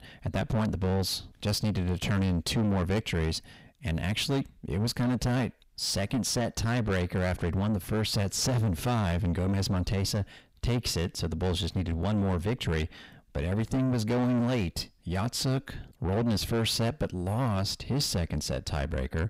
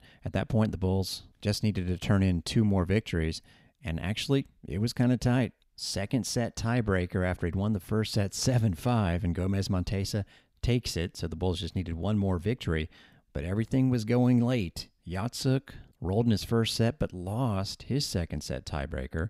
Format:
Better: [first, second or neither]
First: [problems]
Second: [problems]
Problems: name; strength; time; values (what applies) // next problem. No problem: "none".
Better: second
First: distortion; heavy; 7 dB below the speech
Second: none